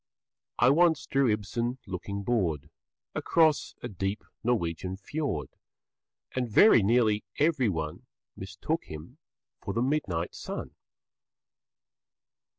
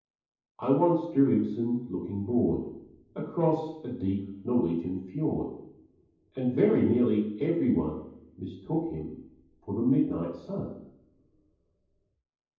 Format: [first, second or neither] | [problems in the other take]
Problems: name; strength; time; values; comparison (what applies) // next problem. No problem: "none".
first | room echo; dies away in 0.9 s